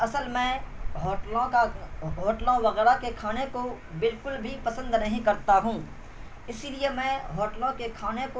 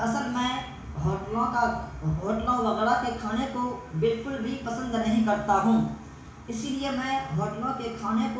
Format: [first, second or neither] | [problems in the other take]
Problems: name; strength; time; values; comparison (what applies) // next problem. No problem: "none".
first | room echo; dies away in 0.7 s